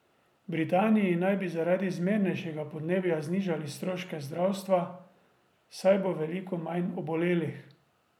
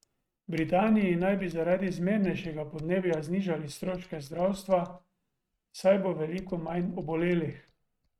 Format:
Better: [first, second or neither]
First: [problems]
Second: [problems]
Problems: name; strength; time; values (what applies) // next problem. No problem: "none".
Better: first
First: none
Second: noise reduction (neural mask model RNNoise)